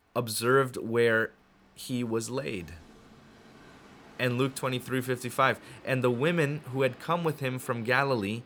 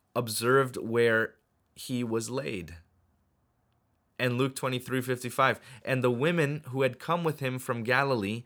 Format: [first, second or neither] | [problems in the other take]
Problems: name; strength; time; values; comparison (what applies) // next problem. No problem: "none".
second | train or aircraft noise; faint; throughout; 25 dB below the speech